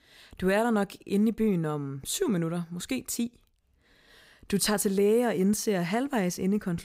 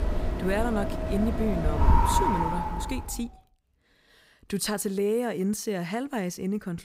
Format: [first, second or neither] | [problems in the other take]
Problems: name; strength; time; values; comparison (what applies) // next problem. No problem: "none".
first | wind in the background; very loud; until 2.5 s; 2 dB above the speech